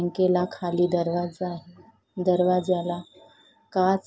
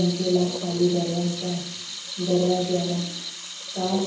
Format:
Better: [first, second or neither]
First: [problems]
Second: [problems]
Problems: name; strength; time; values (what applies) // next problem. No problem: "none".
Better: first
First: none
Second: background sound (Sink (filling or washing) / Water tap, faucet); 9 dB below the speech // room echo; dies away in 0.9 s